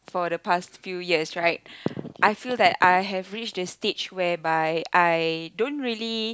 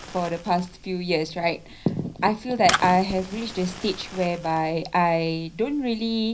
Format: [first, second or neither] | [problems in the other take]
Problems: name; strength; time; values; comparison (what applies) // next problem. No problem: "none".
first | background sound (Fire); 12 dB below the speech // room echo; dies away in 0.4 s